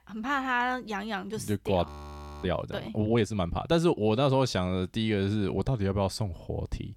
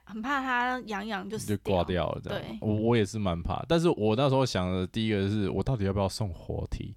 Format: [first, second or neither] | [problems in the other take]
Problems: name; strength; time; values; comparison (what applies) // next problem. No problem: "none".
second | audio freezing; at 2 s for 0.5 s